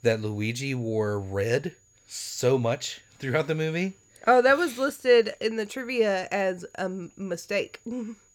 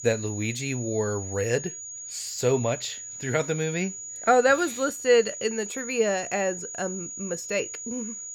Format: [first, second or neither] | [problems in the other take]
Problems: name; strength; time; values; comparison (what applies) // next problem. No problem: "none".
first | high-pitched whine; loud; throughout; 7 kHz, 8 dB below the speech; faint in the first